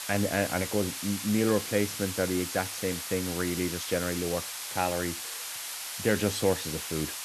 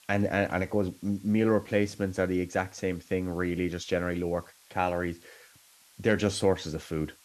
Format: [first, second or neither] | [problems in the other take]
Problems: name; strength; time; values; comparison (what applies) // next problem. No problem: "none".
second | hiss; loud; throughout; 4 dB below the speech; faint in the second